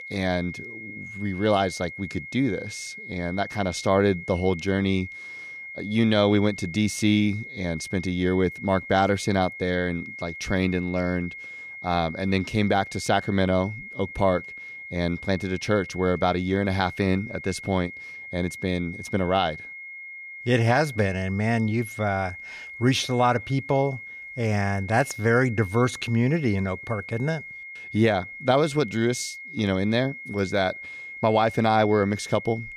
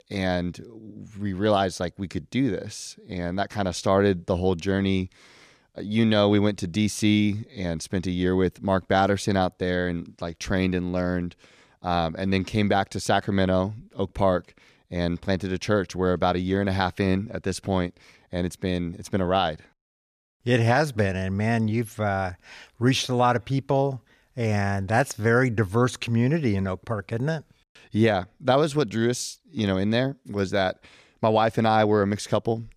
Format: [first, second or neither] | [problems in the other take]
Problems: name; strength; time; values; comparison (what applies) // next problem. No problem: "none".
second | high-pitched whine; noticeable; throughout; 2 kHz, 10 dB below the speech